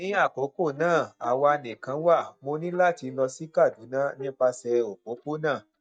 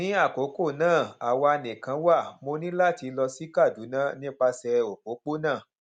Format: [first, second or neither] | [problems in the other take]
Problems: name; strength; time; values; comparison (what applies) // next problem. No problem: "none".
second | noise reduction (neural mask model DeepFilterNet 3)